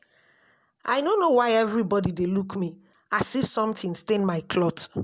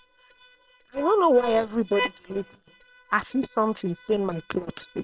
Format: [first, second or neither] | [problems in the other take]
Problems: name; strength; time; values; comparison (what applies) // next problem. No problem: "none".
first | noise reduction (neural separator model SepFormer WHAM!)